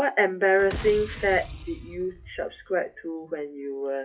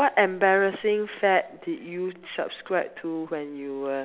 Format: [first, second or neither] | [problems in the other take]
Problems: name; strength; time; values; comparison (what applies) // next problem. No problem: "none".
second | noise reduction (classical method WPE with log-MMSE)